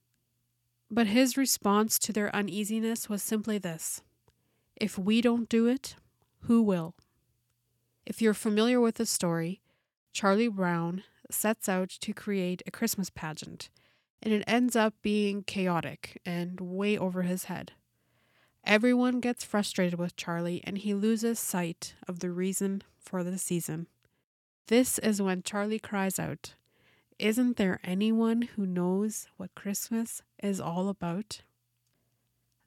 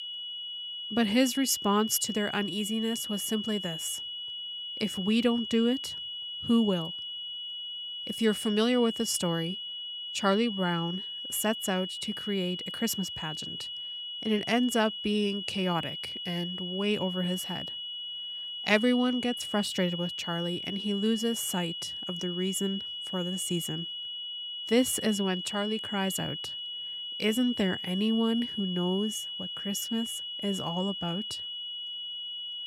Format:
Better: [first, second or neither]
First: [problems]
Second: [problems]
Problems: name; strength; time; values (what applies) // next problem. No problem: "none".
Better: first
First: none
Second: high-pitched whine; loud; throughout; 3 kHz, 5 dB below the speech